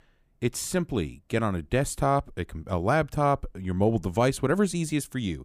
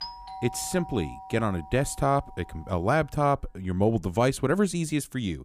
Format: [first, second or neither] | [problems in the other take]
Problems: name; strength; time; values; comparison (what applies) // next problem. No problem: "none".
first | doorbell; faint; until 3 s; peak 10 dB below the speech